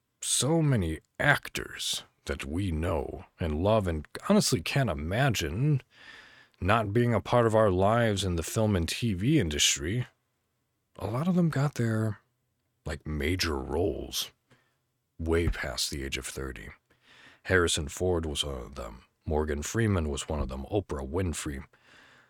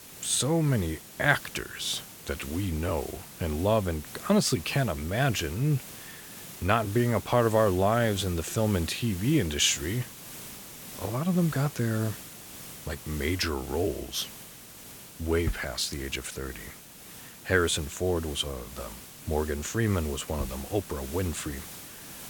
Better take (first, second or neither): first